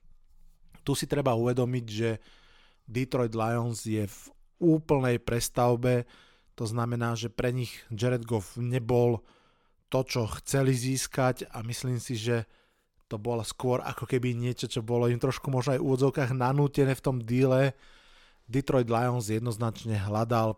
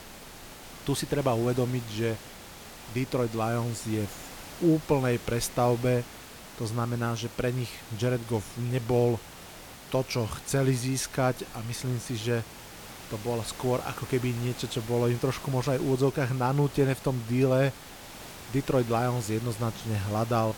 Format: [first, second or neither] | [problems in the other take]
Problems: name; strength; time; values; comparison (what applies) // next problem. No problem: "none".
first | hiss; noticeable; throughout; 15 dB below the speech